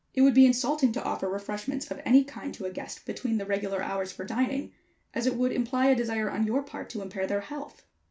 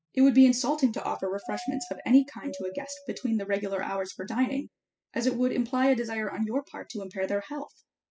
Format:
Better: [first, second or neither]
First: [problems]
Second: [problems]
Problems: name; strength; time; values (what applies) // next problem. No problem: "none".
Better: first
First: none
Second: noise reduction (classical method spectral subtraction)